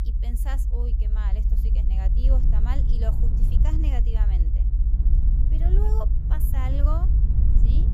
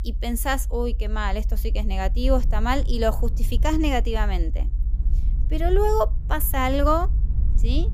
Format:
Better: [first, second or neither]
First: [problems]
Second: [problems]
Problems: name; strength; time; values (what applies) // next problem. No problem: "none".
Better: second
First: low rumble; loud; throughout; 3 dB below the speech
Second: low rumble; faint; throughout; 20 dB below the speech